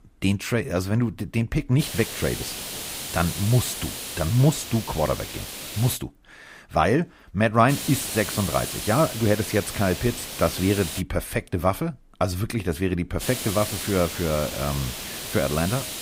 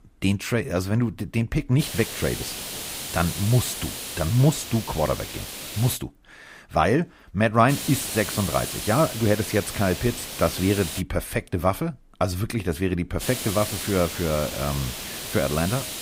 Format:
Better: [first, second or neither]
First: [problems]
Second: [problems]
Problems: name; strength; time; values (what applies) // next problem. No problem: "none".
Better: neither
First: hiss; loud; from 2 to 6 s, from 7.5 to 11 s and from 13 s on; 7 dB below the speech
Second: hiss; loud; from 2 to 6 s, from 7.5 to 11 s and from 13 s on; 7 dB below the speech